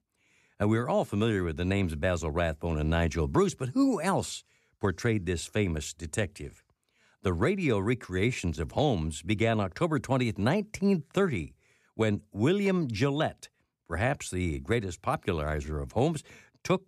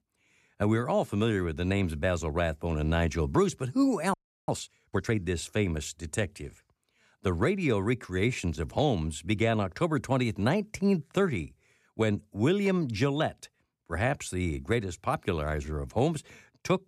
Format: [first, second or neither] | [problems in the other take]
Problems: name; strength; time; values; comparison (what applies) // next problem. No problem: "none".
first | audio freezing; at 4 s